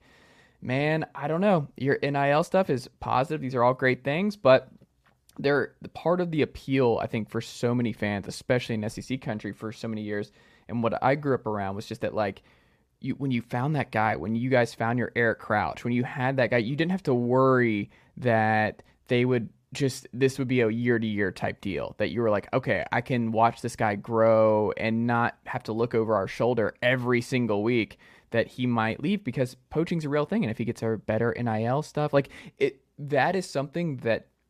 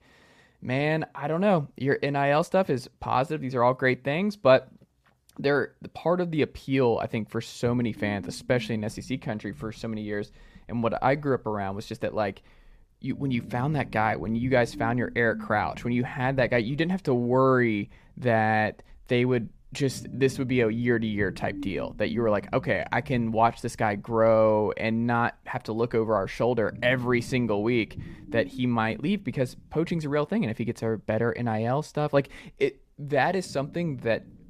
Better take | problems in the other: first | low rumble; faint; from 7.5 s on; 20 dB below the speech

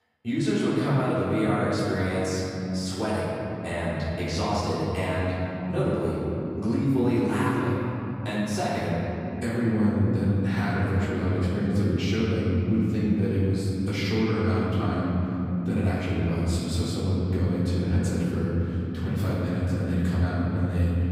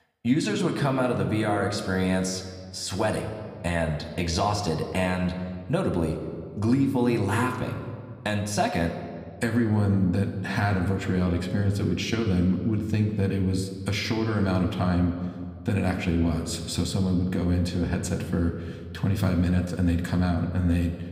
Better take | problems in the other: second | room echo; strong; dies away in 3 s; slight in the second // off-mic speech; far

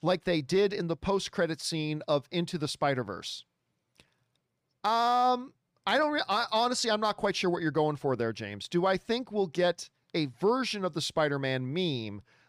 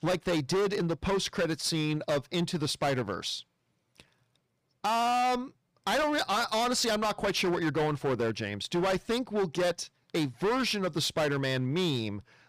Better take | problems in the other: first | distortion; heavy; 17% of the sound clipped

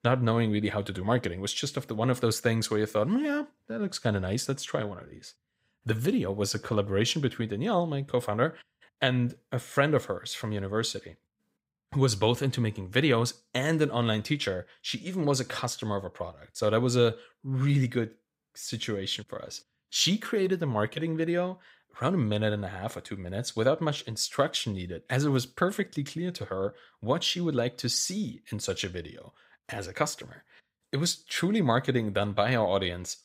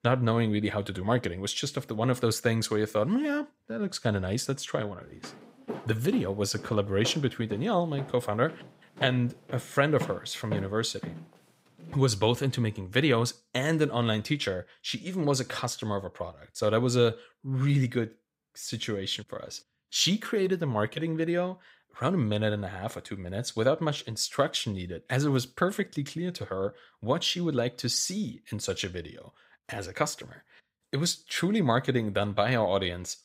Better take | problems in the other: first | footsteps; noticeable; from 5 to 12 s; peak 8 dB below the speech

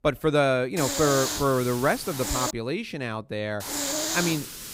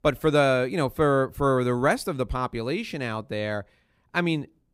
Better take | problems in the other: second | hiss; loud; from 1 to 2.5 s and from 3.5 s on; 3 dB below the speech

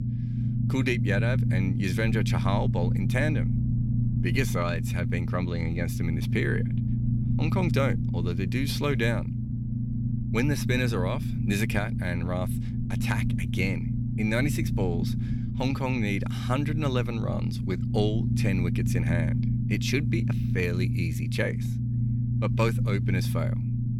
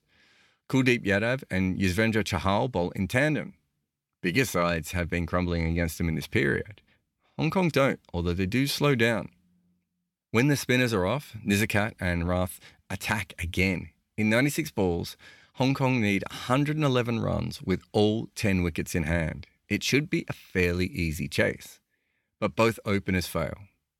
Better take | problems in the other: second | low rumble; loud; throughout; 7 dB below the speech

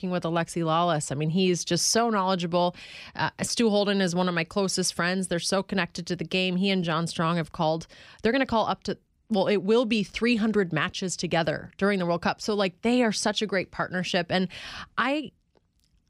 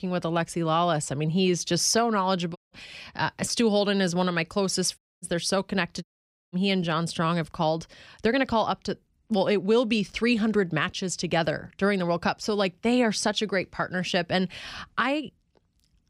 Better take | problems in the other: first | audio cutting out; at 2.5 s, at 5 s and at 6 s

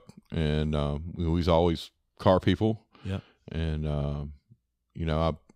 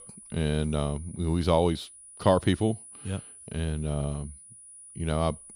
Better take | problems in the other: first | high-pitched whine; noticeable; throughout; 9.5 kHz, 15 dB below the speech

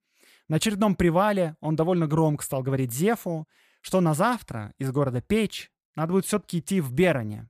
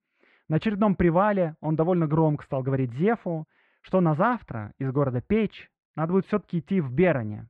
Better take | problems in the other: first | muffled; very; fading above 2 kHz

